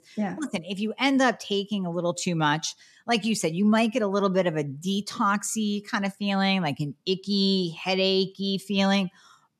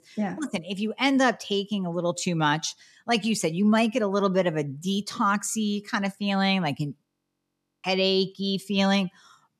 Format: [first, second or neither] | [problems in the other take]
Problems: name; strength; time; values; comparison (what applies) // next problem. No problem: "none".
first | audio freezing; at 7 s for 1 s